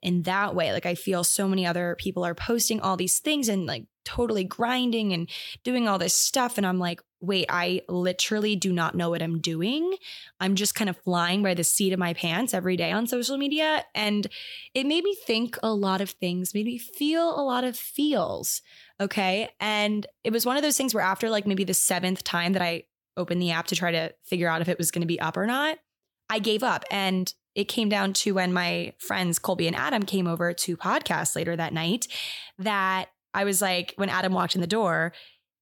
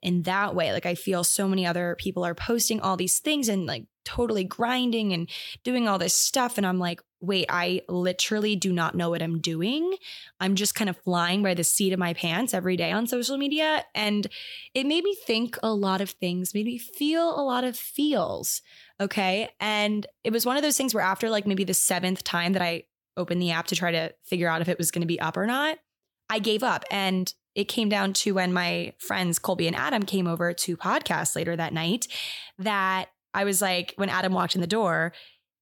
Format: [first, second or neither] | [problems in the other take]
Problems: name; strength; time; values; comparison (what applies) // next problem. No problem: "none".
neither | none